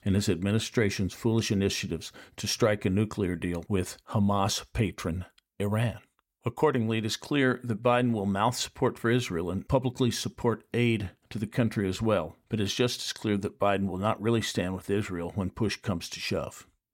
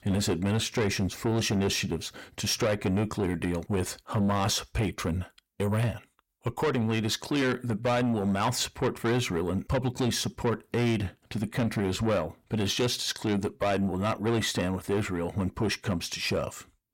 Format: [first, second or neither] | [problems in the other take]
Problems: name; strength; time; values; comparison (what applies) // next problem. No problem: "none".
first | distortion; heavy; 8 dB below the speech